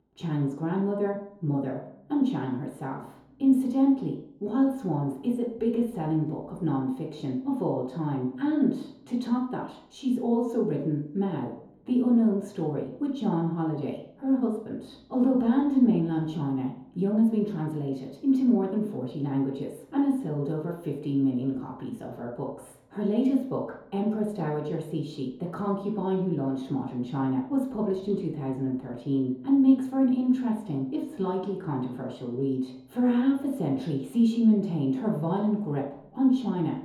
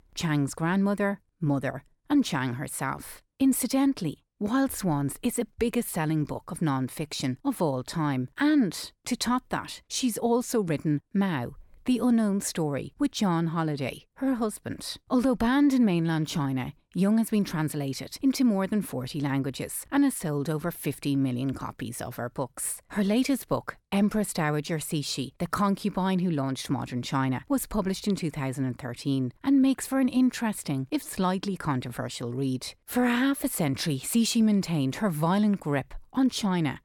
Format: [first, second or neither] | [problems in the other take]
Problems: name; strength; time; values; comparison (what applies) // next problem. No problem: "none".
second | room echo; noticeable; dies away in 1.7 s // off-mic speech; far